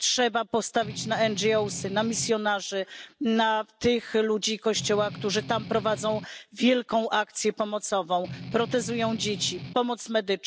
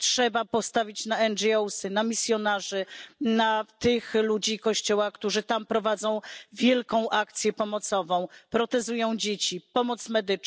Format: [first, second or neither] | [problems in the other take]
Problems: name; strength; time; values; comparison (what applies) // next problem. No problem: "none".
second | background sound (Strum); 12 dB below the speech